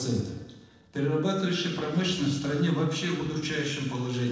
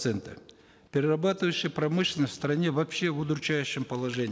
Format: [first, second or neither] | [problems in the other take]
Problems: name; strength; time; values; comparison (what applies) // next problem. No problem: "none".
second | noise reduction (neural separator model SepFormer DNS4)